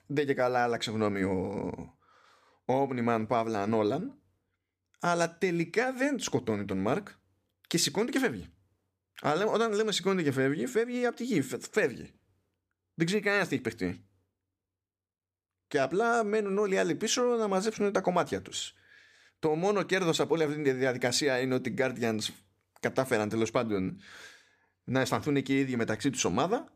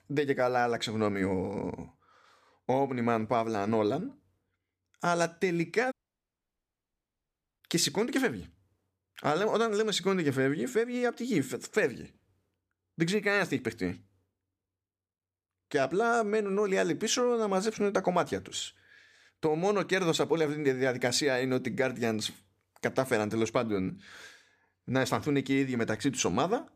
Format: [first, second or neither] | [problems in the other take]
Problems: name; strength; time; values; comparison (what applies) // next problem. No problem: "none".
first | audio cutting out; at 6 s for 1.5 s